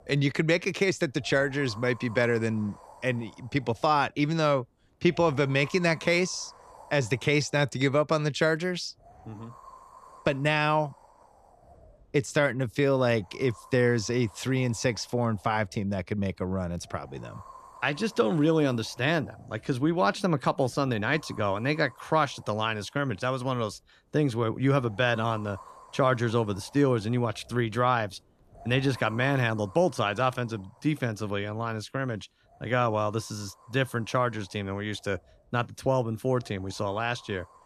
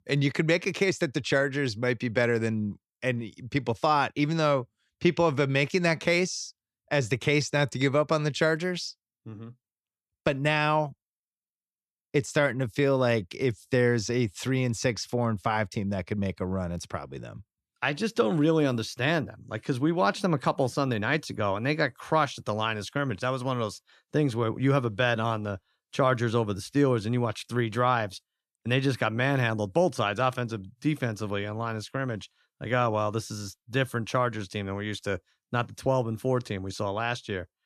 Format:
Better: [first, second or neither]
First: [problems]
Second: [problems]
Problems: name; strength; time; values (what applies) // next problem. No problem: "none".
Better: second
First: wind noise on the microphone; occasional gusts; 20 dB below the speech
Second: none